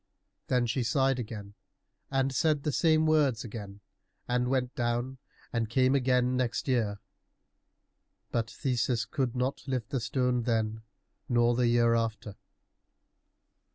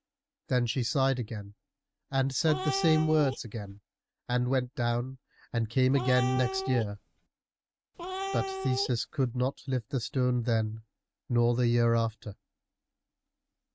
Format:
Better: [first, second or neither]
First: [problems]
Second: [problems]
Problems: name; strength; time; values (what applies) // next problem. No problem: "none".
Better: first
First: none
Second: noise reduction (neural mask model RNNoise)